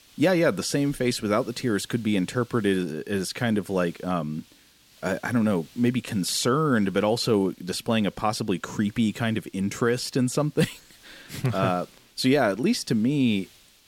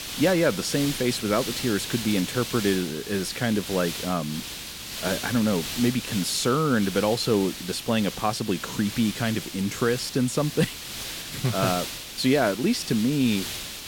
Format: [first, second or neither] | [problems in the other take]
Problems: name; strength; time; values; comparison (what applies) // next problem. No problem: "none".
first | hiss; loud; throughout; 8 dB below the speech; faint in the first